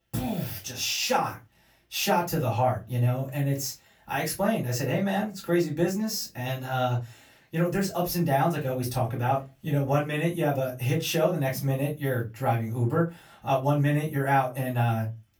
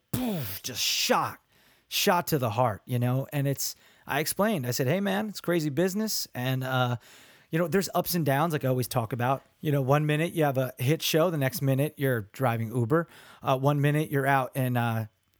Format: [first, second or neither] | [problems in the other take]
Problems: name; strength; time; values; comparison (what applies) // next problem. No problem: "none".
second | off-mic speech; far // room echo; very slight; dies away in 0.2 s